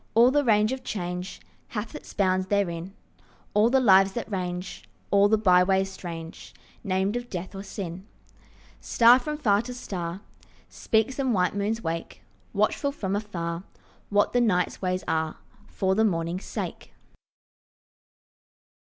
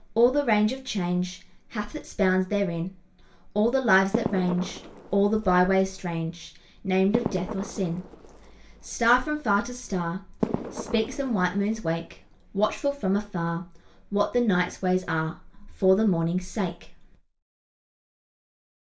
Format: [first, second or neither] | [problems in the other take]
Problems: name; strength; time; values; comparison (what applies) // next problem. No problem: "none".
first | background sound (Fireworks); 9 dB below the speech // room echo; dies away in 0.3 s